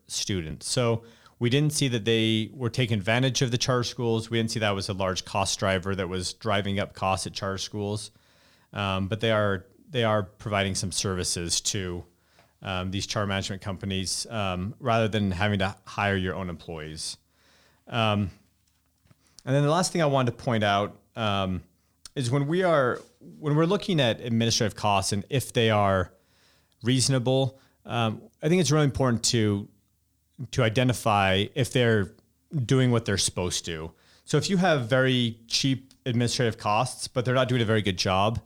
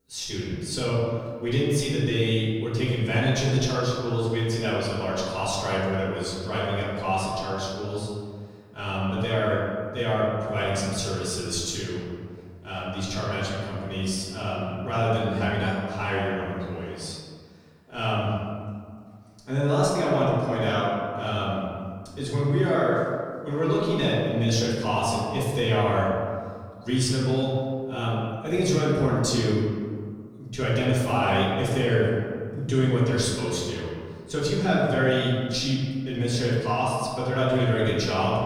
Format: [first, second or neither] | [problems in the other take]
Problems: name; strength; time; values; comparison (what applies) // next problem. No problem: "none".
first | off-mic speech; far // room echo; noticeable; dies away in 1.7 s